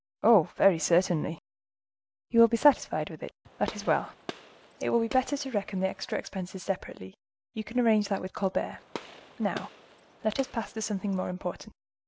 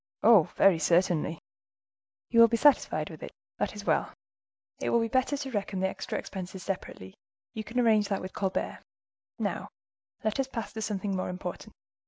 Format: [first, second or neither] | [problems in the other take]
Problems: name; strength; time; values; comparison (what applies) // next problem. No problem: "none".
second | background sound (Gunshot, gunfire); 16 dB below the speech